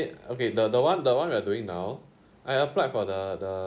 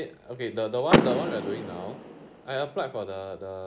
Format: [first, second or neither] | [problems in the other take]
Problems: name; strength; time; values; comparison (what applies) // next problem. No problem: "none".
first | background sound (Door / Car); 2 dB above the speech